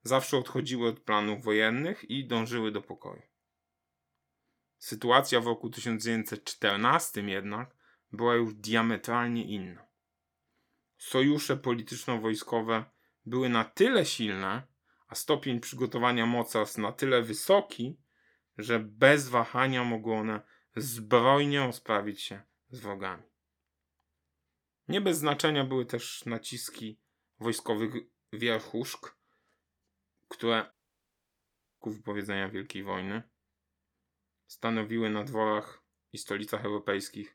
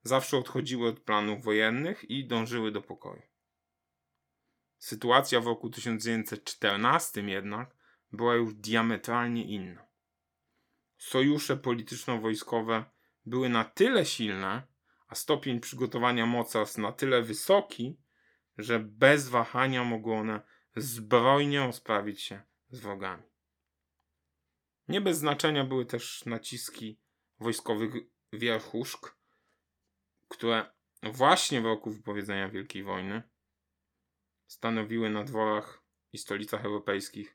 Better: second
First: audio cutting out; at 31 s for 1 s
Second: none

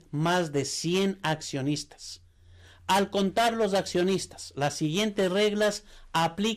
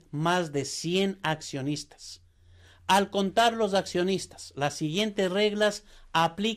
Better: second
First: distortion; slight; 6% of the sound clipped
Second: none

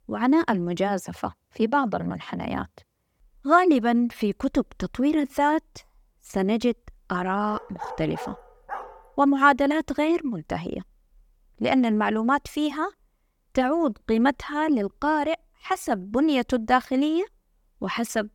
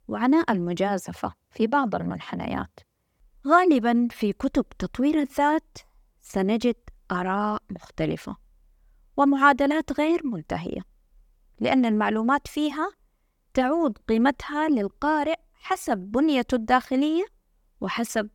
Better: second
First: dog barking; faint; from 7.5 to 9 s; peak 10 dB below the speech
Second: none

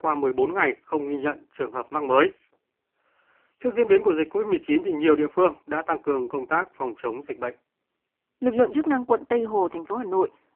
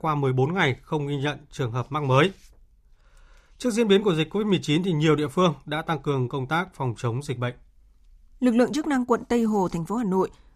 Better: second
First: phone-call audio; poor line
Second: none

